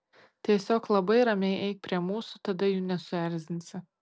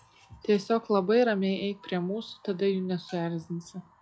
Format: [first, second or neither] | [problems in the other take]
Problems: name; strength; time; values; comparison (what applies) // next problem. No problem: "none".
first | noise reduction (classical method log-MMSE)